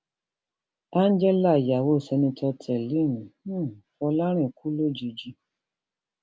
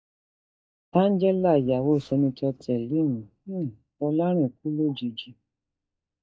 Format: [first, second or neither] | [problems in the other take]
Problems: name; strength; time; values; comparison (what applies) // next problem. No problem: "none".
first | noise reduction (neural mask model DeepFilterNet 3)